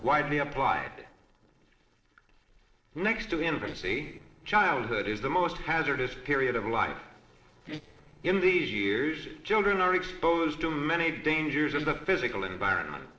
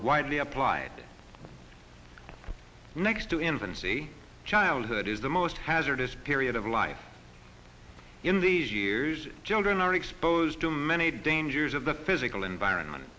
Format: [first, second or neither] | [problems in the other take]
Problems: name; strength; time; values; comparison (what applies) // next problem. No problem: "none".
second | noise reduction (neural separator model SepFormer DNS4)